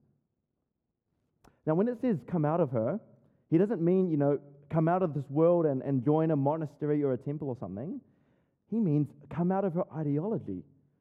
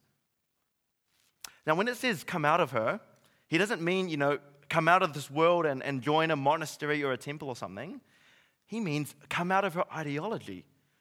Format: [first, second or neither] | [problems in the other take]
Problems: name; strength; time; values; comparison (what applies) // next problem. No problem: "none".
second | muffled; very; fading above 1 kHz